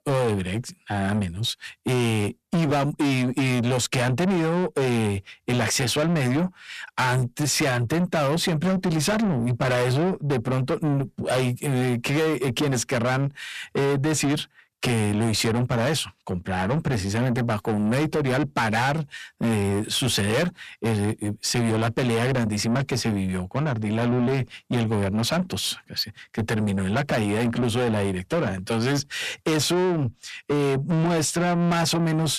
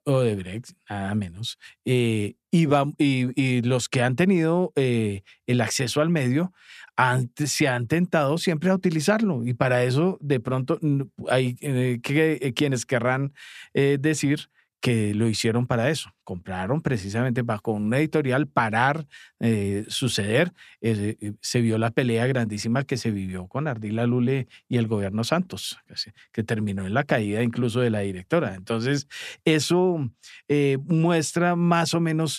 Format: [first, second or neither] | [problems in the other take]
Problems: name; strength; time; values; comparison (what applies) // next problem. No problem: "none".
second | distortion; heavy; 7 dB below the speech